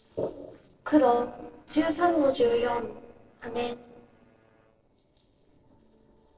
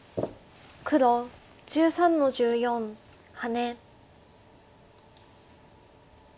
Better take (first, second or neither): second